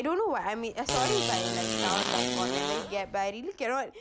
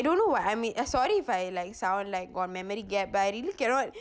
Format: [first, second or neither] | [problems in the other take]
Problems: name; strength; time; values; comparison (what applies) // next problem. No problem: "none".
second | background sound (Fart); 1 dB above the speech